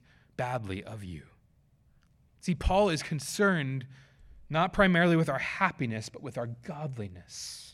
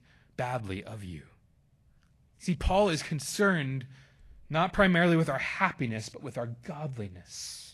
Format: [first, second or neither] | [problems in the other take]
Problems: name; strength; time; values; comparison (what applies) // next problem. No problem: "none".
first | garbled, watery; slightly; nothing above 11.5 kHz